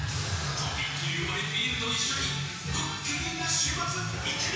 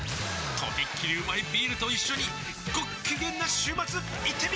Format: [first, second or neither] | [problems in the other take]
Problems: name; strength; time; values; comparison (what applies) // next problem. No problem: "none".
second | room echo; dies away in 1.1 s